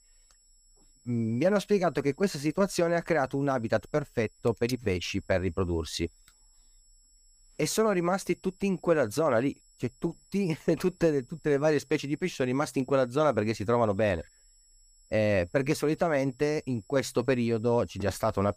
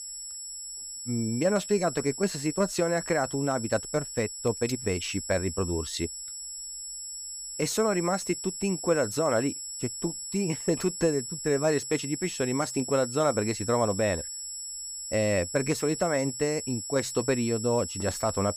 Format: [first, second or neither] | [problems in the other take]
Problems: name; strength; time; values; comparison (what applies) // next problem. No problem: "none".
first | high-pitched whine; loud; throughout; 7.5 kHz, 6 dB below the speech; faint in the first